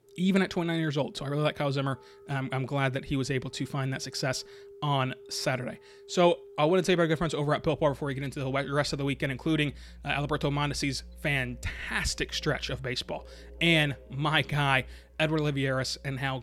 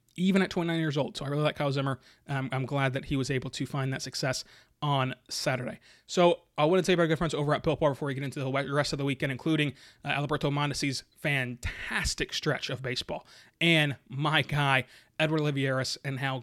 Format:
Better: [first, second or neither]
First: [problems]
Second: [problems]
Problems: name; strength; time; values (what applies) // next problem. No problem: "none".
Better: second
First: background music; faint; throughout; 20 dB below the speech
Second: none